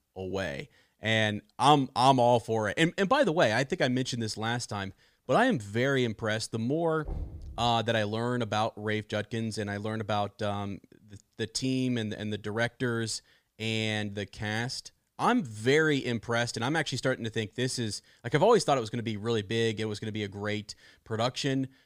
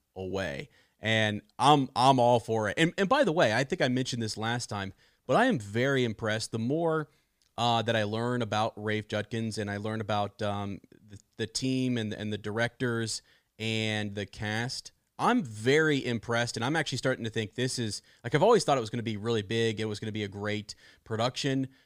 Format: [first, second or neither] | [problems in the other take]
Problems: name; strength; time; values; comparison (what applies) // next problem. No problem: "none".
second | door banging; faint; at 7 s; peak 10 dB below the speech